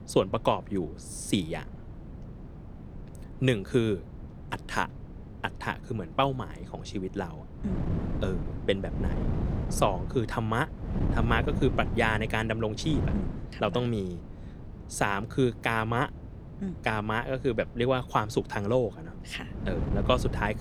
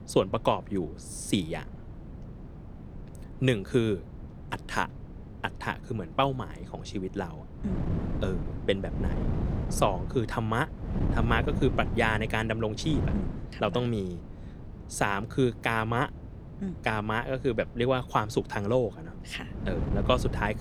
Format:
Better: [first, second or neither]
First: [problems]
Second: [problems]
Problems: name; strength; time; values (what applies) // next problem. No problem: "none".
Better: neither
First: wind noise on the microphone; occasional gusts; 15 dB below the speech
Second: wind noise on the microphone; occasional gusts; 15 dB below the speech